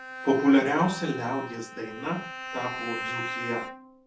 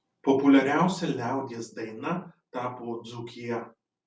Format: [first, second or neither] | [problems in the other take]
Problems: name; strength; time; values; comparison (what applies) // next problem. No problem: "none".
second | background sound (Bowed string instrument); 9 dB below the speech